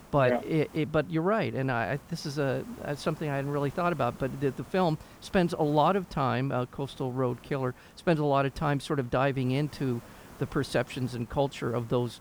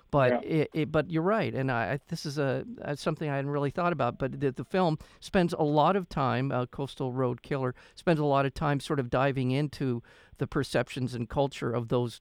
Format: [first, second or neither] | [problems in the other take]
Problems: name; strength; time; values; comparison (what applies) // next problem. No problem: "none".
second | hiss; faint; throughout; 20 dB below the speech